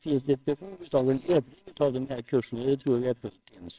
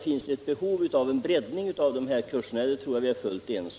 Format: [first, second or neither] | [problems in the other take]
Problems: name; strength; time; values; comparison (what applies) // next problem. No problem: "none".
second | noise reduction (neural separator model SepFormer WHAMR!)